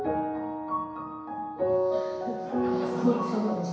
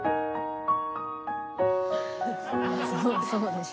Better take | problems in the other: second | room echo; dies away in 1 s

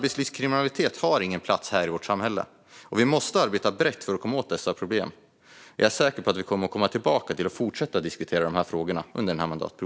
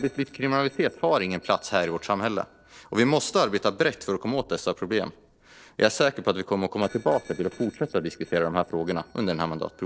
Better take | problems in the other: first | noise reduction (neural separator model SepFormer DNS4)

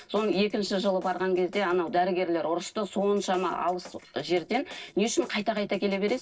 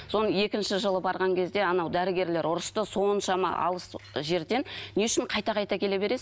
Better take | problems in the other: second | noise reduction (neural separator model SepFormer DNS4)

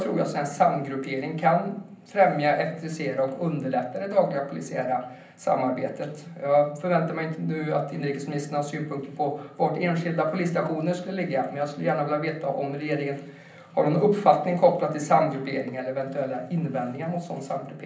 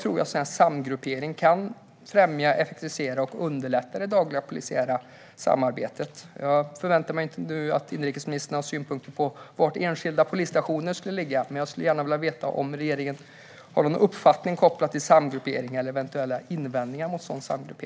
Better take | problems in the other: second | room echo; dies away in 0.6 s

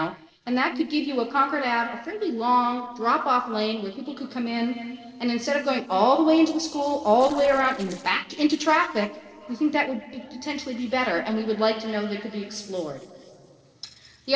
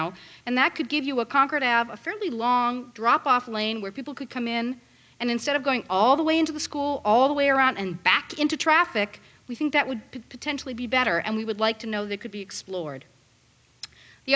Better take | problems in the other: second | noise reduction (neural separator model SepFormer DNS4)

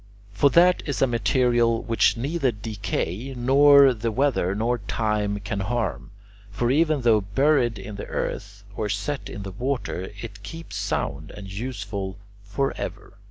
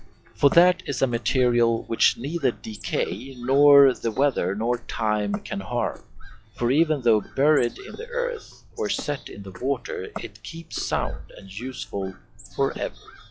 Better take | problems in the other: first | noise reduction (classical method log-MMSE)

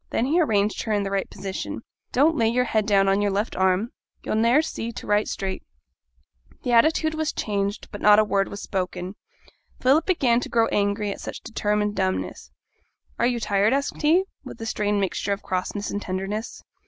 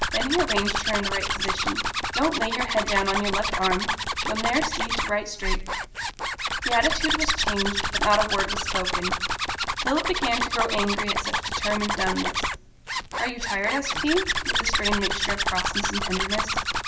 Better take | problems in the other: first | background sound (Zipper (clothing)); 1 dB above the speech // room echo; dies away in 0.6 s

